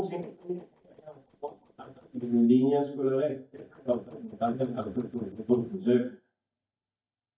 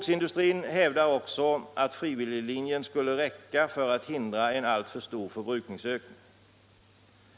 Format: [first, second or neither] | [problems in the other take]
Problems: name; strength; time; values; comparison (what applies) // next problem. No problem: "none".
second | noise reduction (neural mask model DeepFilterNet 3)